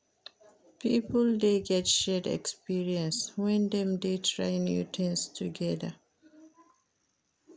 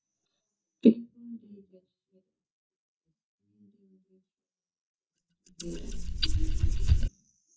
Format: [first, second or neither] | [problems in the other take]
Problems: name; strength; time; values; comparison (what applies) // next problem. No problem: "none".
first | noise reduction (neural mask model DeepFilterNet 3)